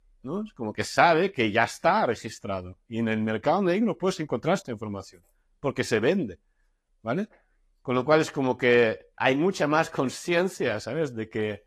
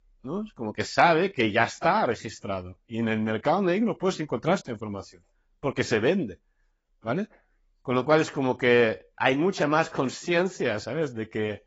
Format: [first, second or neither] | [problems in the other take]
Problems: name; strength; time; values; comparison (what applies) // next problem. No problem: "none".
first | garbled, watery; badly; nothing above 7.5 kHz; slightly in the first